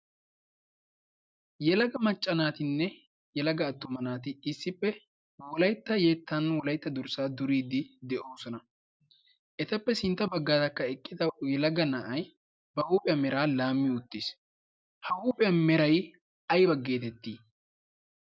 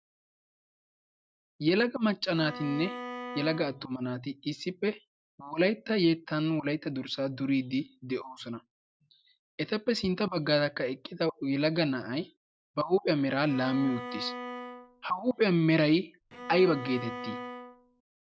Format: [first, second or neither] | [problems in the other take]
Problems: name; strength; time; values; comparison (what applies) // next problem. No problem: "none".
first | background sound (Bowed string instrument); 10 dB below the speech